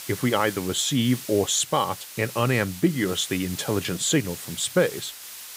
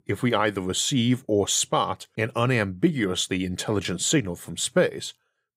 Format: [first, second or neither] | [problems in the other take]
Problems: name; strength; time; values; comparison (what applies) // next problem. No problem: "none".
second | hiss; noticeable; throughout; 10 dB below the speech